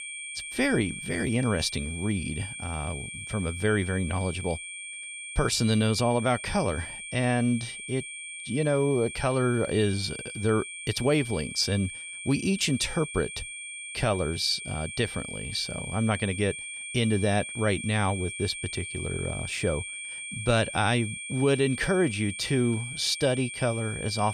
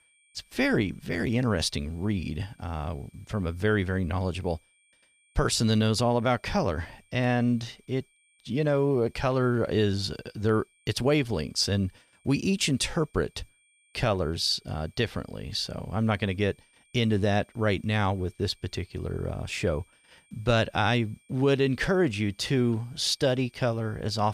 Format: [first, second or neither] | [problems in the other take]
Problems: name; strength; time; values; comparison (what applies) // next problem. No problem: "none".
second | high-pitched whine; loud; throughout; 2.5 kHz, 8 dB below the speech; faint in the second